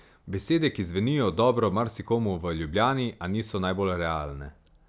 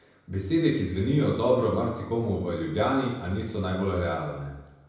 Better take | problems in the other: first | room echo; dies away in 0.9 s

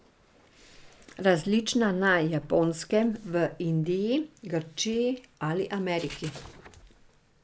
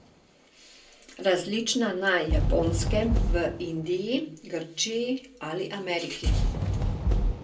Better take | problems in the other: first | background sound (Fireworks); as loud as the speech // room echo; dies away in 0.2 s

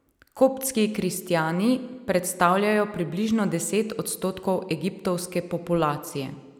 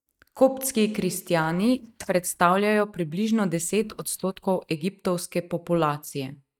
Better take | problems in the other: first | noise reduction (neural mask model DeepFilterNet 3)

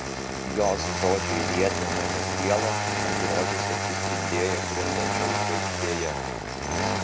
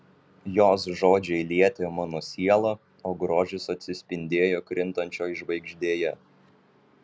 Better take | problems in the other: second | background sound (Engine starting); 3 dB above the speech

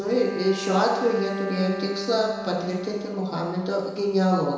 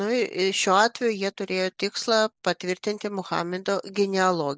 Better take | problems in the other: second | background sound (Bowed string instrument); 10 dB below the speech // room echo; dies away in 1 s

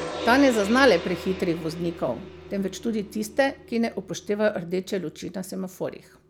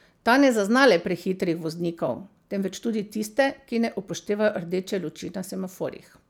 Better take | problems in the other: second | background sound (Gong); 13 dB below the speech

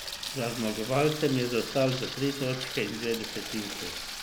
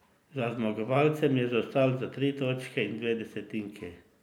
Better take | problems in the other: second | background sound (Sink (filling or washing) / Water tap, faucet); 7 dB below the speech

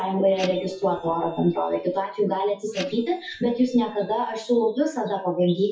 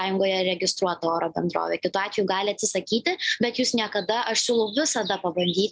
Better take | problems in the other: second | noise reduction (classical method WPE with log-MMSE)

